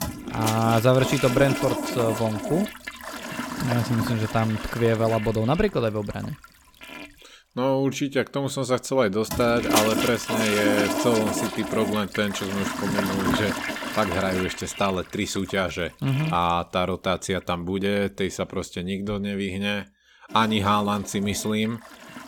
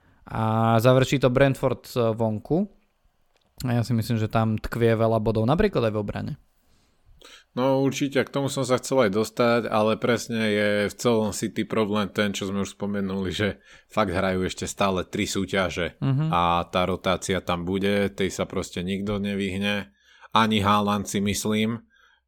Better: second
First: household noises; loud; throughout; 4 dB below the speech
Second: none

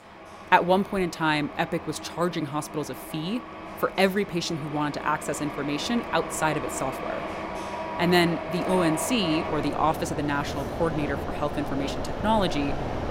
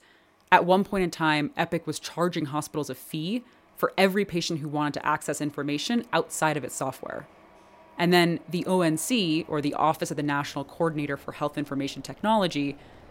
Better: second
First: machinery noise; loud; throughout; 7 dB below the speech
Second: machinery noise; faint; throughout; 30 dB below the speech

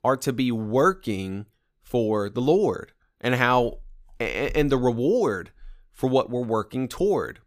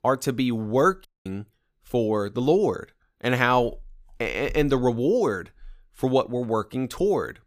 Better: first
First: none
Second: audio cutting out; at 1 s

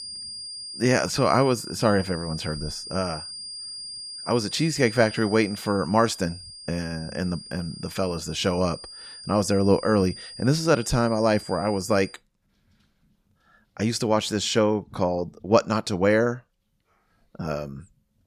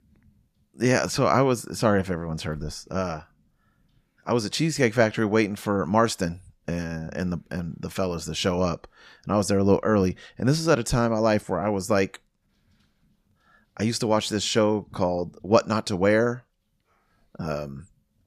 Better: second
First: high-pitched whine; noticeable; until 12 s; 5 kHz, 10 dB below the speech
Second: none

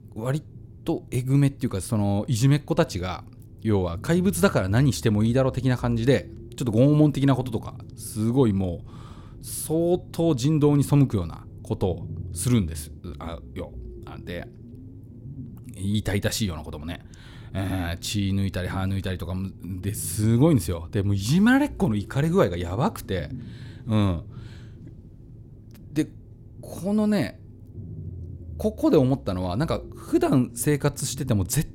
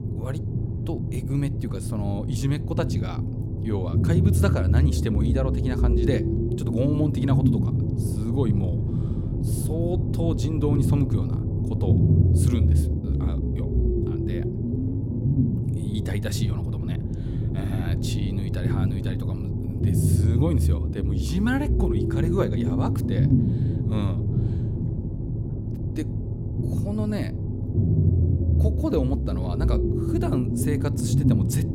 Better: first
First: low rumble; faint; throughout; 25 dB below the speech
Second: low rumble; loud; throughout; 1 dB below the speech

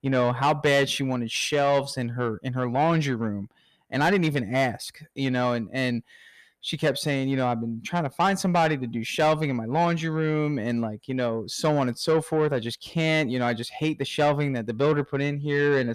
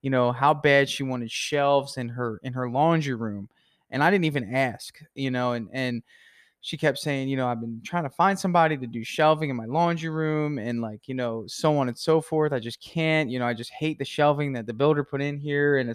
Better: second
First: distortion; slight; 10 dB below the speech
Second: none

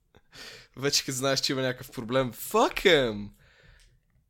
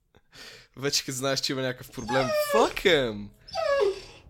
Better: first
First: none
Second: dog barking; loud; from 2 s on; peak 2 dB above the speech

